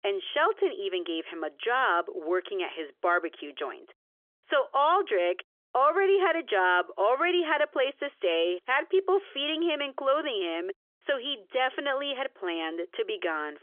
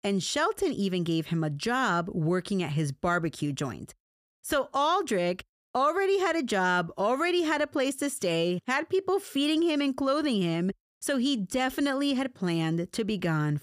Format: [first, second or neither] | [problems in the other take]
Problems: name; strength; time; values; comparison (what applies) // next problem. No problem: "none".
second | phone-call audio; nothing above 3.5 kHz